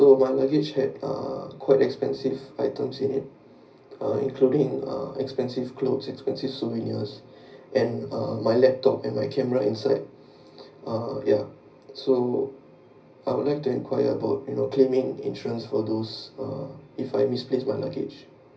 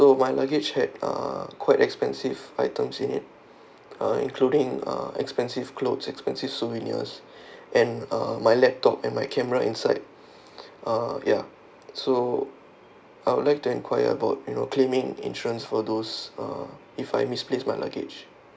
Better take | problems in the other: second | room echo; dies away in 0.4 s

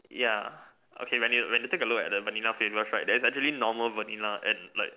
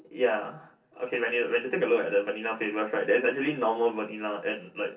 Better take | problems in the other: first | room echo; dies away in 0.3 s

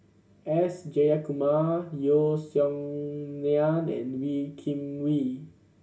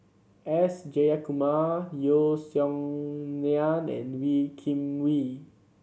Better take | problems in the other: second | room echo; dies away in 0.1 s

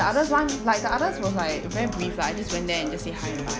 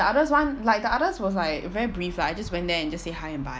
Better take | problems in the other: second | background sound (Acoustic guitar); 7 dB below the speech

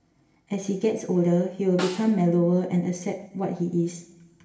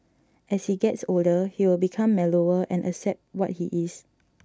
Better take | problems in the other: second | background sound (Snare drum); 16 dB below the speech // room echo; dies away in 0.8 s

